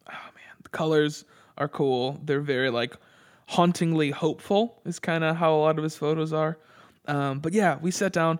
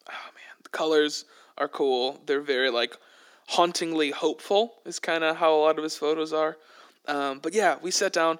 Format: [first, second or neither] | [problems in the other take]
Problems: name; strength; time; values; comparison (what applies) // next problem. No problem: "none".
first | thin; somewhat; fading below 300 Hz